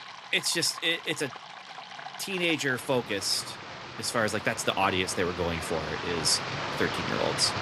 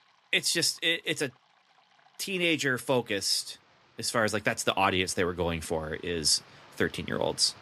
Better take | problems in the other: second | rain or running water; loud; throughout; 8 dB below the speech; faint in the second

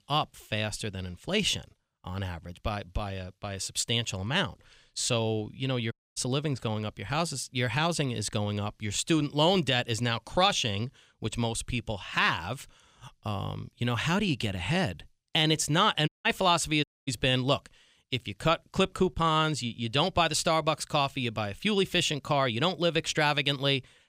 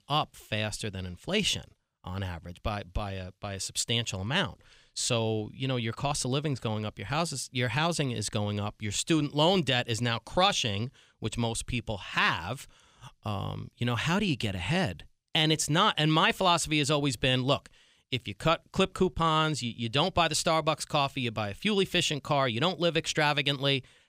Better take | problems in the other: second | audio cutting out; at 6 s, at 16 s and at 17 s

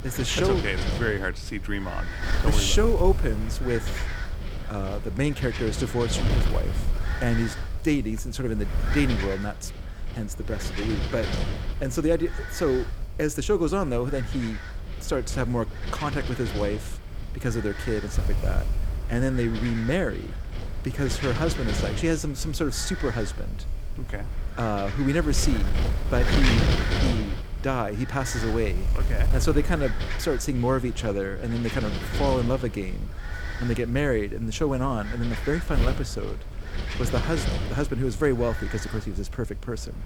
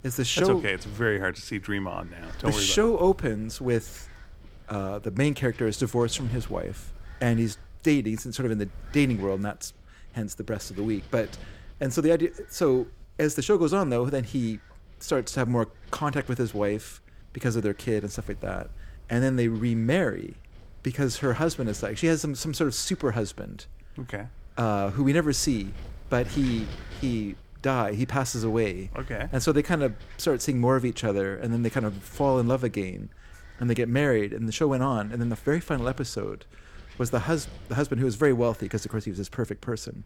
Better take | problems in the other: second | wind noise on the microphone; heavy; 6 dB below the speech; occasional gusts in the second

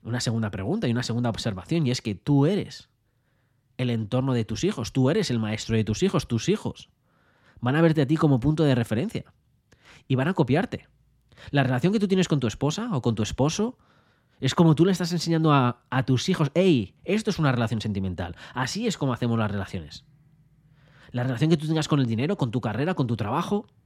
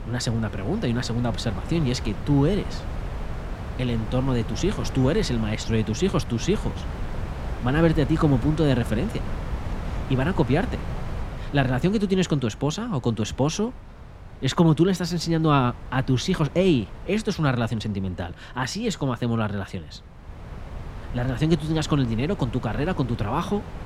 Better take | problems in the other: first | wind noise on the microphone; occasional gusts; 15 dB below the speech

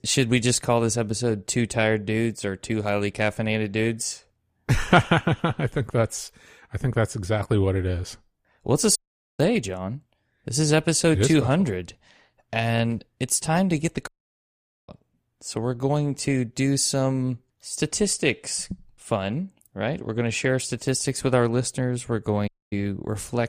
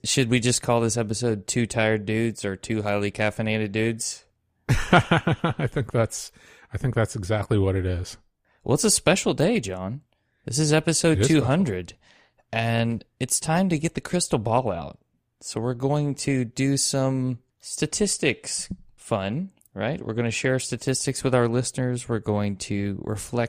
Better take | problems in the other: second | audio cutting out; at 9 s, at 14 s for 1 s and at 22 s

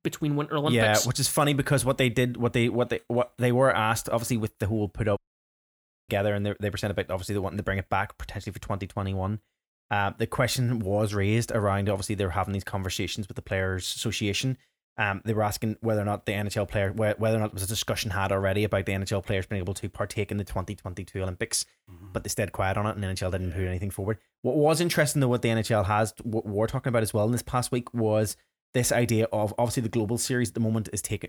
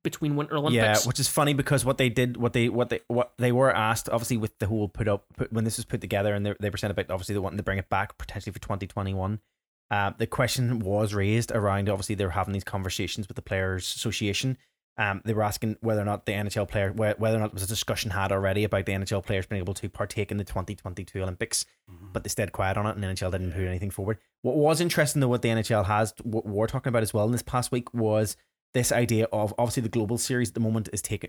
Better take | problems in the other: second | audio cutting out; at 5 s for 1 s

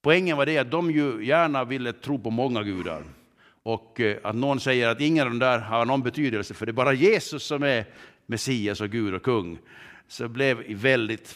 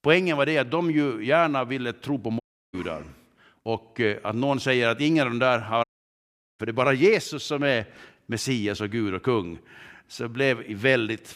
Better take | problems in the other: first | audio cutting out; at 2.5 s and at 6 s for 1 s

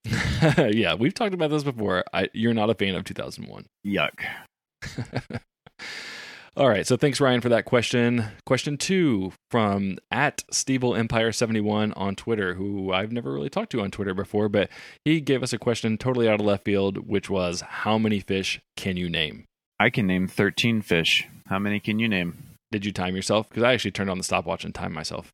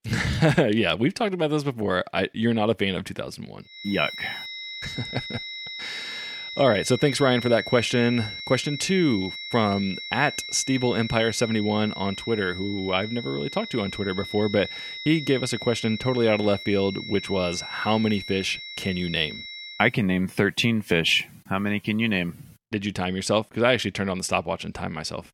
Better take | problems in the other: first | high-pitched whine; loud; from 4 to 20 s; 2 kHz, 9 dB below the speech

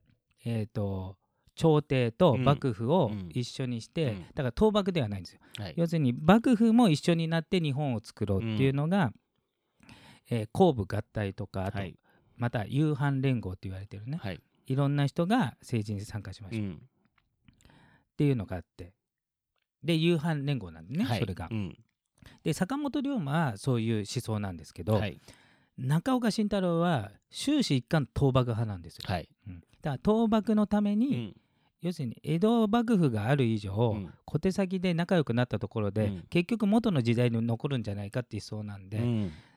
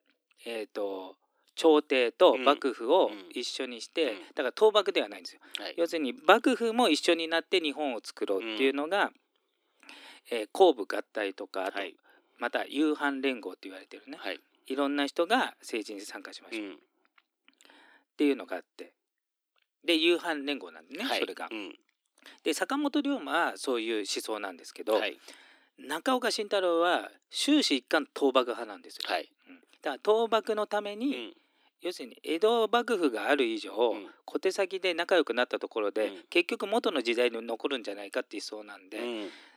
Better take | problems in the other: first | thin; somewhat; fading below 300 Hz

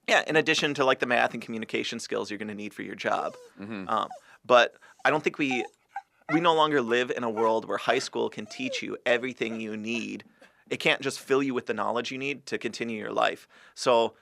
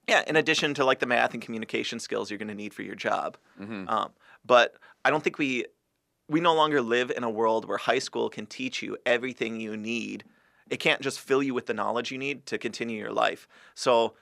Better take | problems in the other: second | dog barking; noticeable; from 3 to 10 s; peak 9 dB below the speech

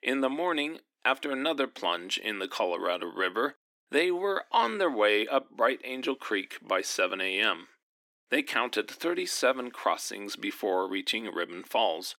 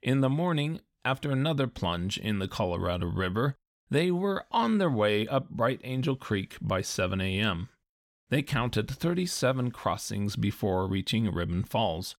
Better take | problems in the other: second | thin; somewhat; fading below 300 Hz

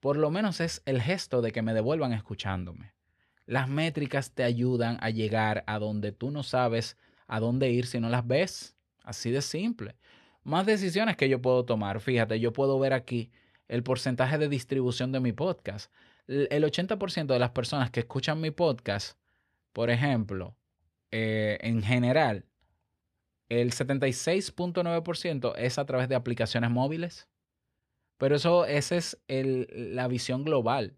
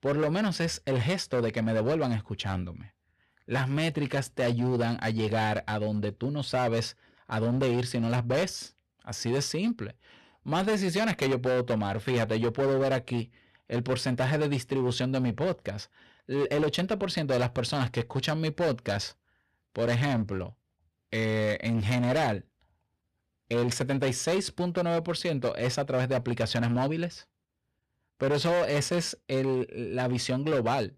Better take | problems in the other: first | distortion; slight; 12% of the sound clipped

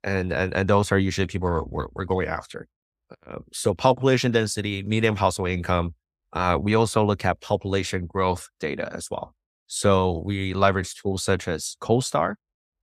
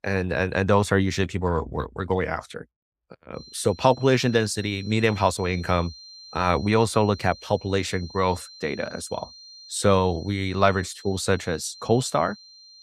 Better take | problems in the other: first | high-pitched whine; noticeable; from 3.5 s on; 4 kHz, 20 dB below the speech

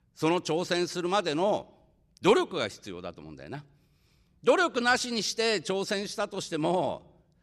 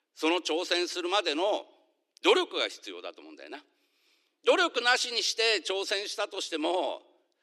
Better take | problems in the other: first | thin; somewhat; fading below 300 Hz

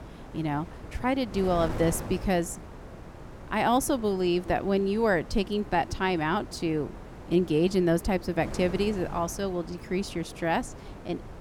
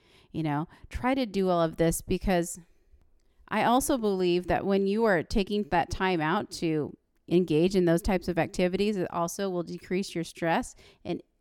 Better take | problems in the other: second | wind noise on the microphone; occasional gusts; 15 dB below the speech

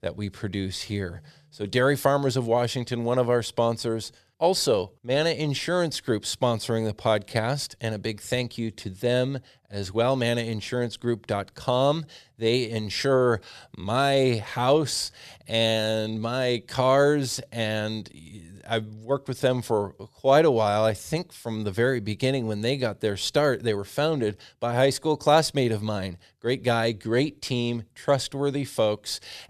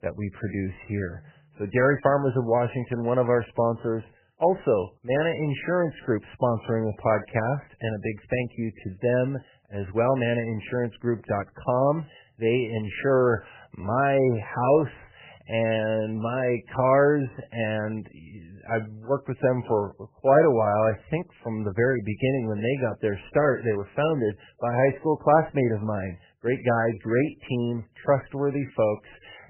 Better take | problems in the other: first | garbled, watery; badly; nothing above 3 kHz

